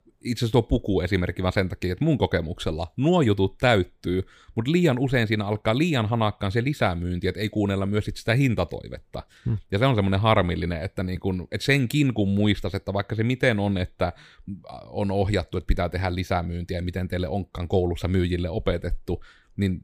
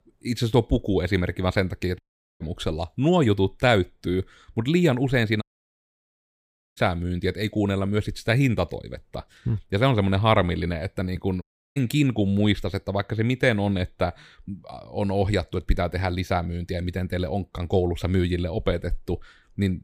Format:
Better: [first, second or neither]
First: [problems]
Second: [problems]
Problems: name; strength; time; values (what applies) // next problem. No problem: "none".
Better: first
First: none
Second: audio cutting out; at 2 s, at 5.5 s for 1.5 s and at 11 s